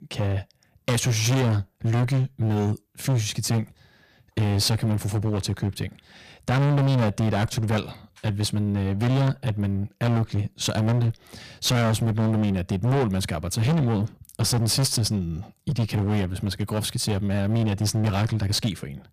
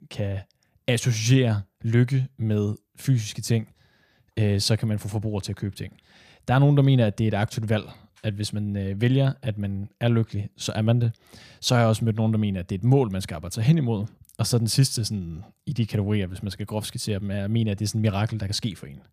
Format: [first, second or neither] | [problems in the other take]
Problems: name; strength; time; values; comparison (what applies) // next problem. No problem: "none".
second | distortion; heavy; 23% of the sound clipped